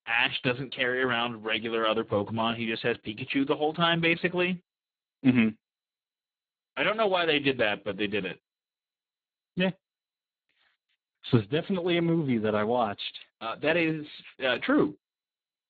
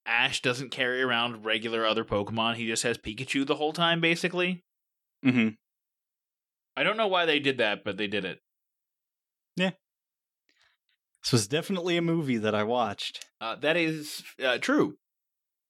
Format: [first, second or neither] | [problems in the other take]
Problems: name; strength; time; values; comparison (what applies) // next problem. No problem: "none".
second | garbled, watery; badly; nothing above 3.5 kHz